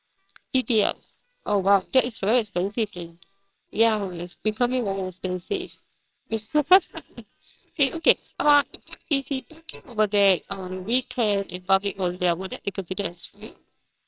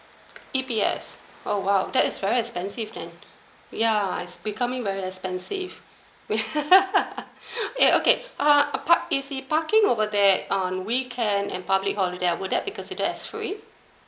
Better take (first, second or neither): second